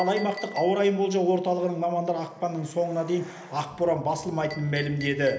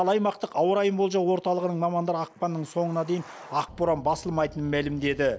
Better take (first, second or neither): second